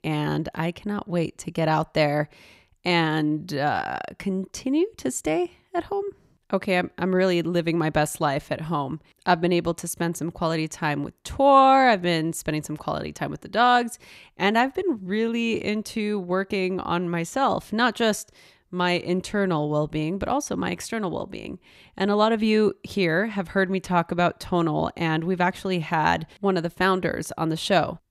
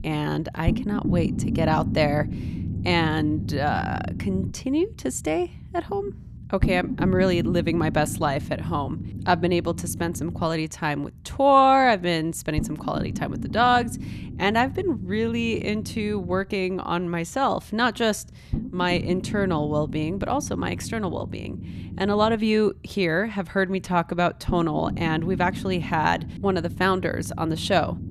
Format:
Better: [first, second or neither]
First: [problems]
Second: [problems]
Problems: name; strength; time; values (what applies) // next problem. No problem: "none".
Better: first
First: none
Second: low rumble; noticeable; throughout; 15 dB below the speech